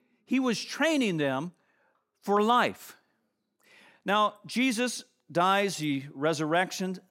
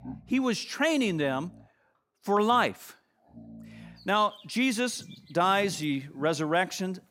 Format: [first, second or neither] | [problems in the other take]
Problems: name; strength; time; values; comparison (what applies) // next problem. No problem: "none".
first | animal sounds; faint; throughout; 20 dB below the speech